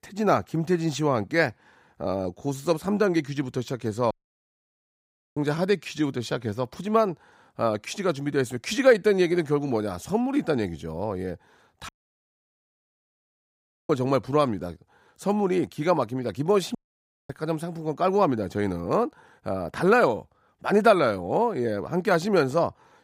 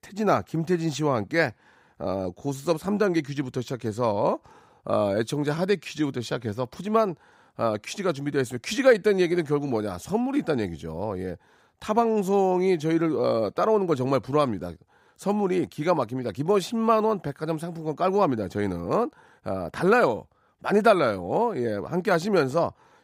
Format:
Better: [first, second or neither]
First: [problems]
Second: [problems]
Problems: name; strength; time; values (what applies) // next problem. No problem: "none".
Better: second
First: audio cutting out; at 4 s for 1.5 s, at 12 s for 2 s and at 17 s for 0.5 s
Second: none